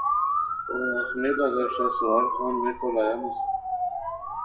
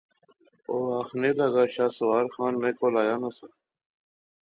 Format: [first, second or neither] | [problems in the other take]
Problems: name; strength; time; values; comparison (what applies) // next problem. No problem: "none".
second | noise reduction (classical method WPE with log-MMSE)